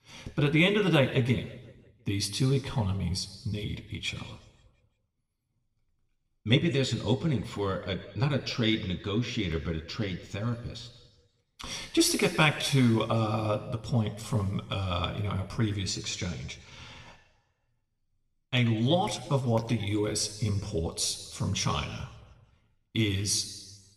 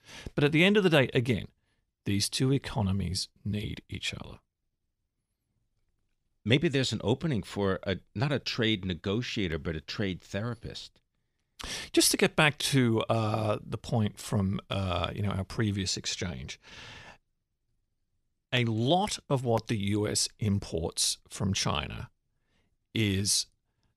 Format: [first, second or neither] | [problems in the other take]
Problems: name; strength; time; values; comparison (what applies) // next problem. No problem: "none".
second | room echo; slight; dies away in 1.2 s